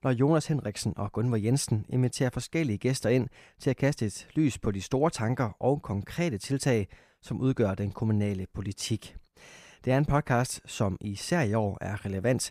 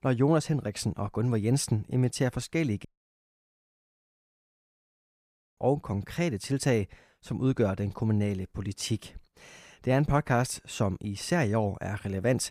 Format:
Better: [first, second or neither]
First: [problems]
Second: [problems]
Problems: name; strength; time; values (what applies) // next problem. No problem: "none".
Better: first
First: none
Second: audio cutting out; at 3 s for 2.5 s